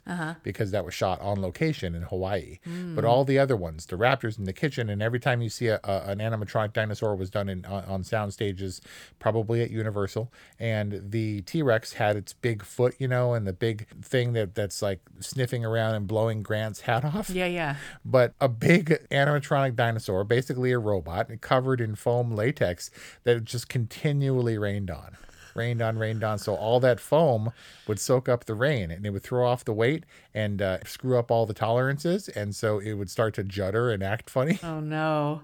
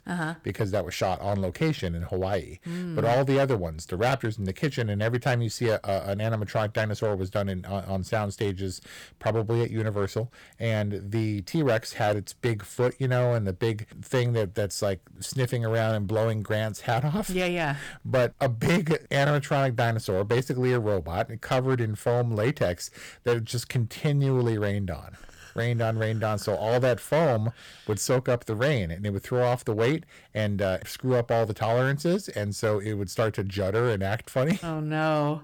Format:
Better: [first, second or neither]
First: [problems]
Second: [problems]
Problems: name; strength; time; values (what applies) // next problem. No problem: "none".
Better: first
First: none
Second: distortion; slight; 6% of the sound clipped